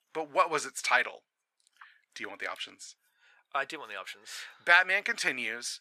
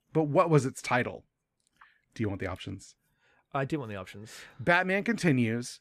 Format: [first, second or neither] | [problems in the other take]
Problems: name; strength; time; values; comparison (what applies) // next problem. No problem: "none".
second | thin; very; fading below 900 Hz